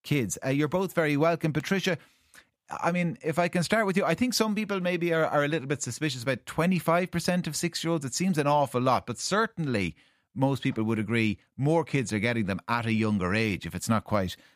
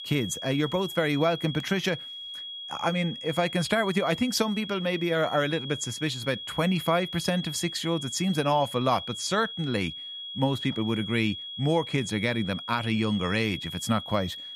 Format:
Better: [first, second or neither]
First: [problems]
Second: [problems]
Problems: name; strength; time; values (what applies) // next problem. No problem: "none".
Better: first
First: none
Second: high-pitched whine; loud; throughout; 3.5 kHz, 9 dB below the speech